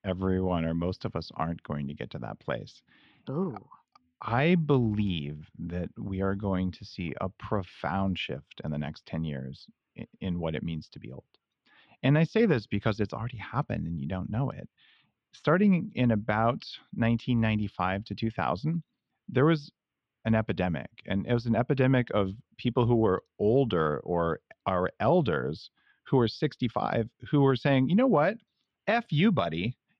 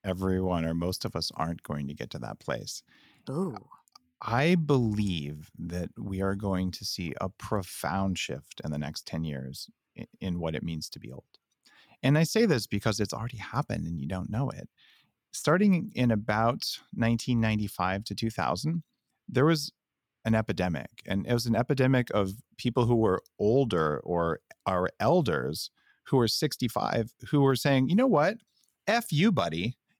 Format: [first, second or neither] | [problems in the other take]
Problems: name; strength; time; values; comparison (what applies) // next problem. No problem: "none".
second | muffled; slightly; fading above 3.5 kHz